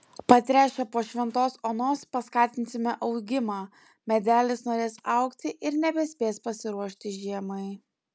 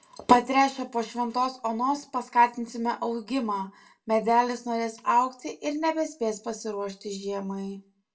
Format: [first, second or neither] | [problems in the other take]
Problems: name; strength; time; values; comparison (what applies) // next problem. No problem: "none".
first | room echo; dies away in 0.2 s